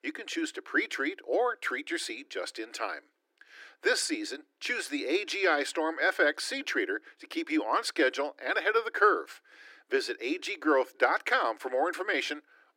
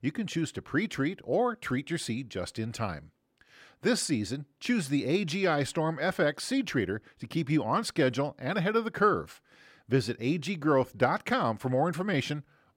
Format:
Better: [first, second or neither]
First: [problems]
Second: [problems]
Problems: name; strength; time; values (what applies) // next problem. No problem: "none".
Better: second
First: thin; very; fading below 300 Hz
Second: none